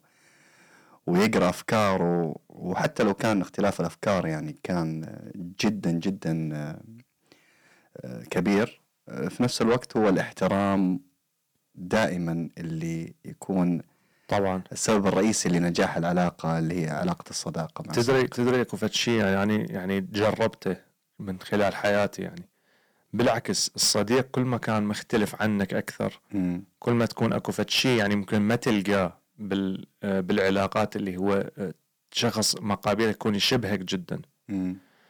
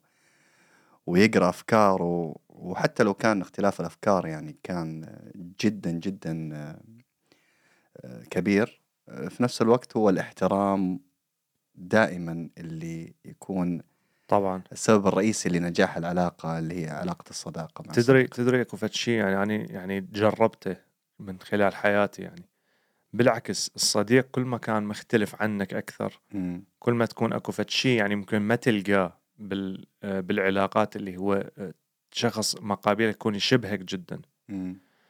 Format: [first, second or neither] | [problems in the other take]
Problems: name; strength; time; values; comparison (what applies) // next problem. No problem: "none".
second | distortion; heavy; 6 dB below the speech